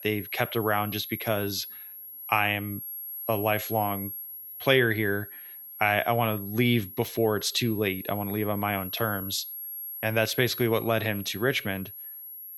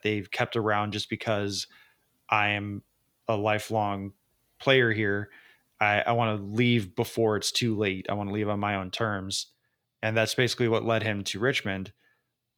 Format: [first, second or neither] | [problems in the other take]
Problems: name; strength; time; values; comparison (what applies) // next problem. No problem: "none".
second | high-pitched whine; loud; throughout; 11.5 kHz, 10 dB below the speech